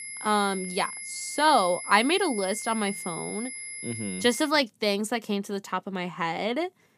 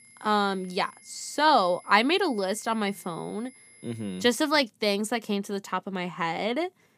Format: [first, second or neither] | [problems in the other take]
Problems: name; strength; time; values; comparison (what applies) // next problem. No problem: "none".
second | high-pitched whine; loud; until 4.5 s; 11 kHz, 9 dB below the speech; faint in the second